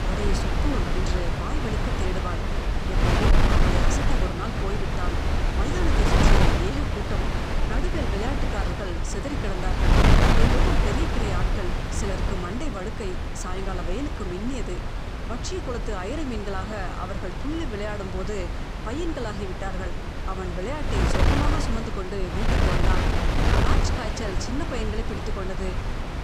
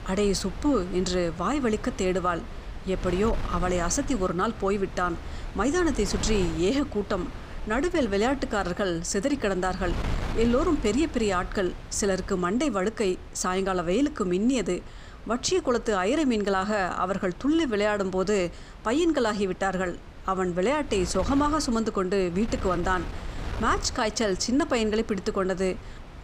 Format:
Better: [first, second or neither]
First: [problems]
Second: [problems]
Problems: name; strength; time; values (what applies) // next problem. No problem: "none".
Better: second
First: wind noise on the microphone; heavy; 4 dB above the speech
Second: wind noise on the microphone; occasional gusts; 15 dB below the speech